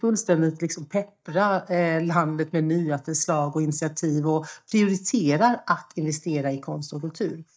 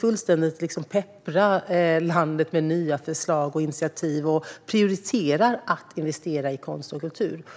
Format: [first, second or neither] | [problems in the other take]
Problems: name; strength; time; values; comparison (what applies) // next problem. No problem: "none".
second | noise reduction (neural mask model DeepFilterNet 3)